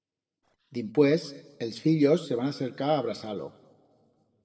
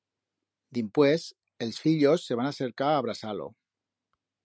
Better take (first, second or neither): second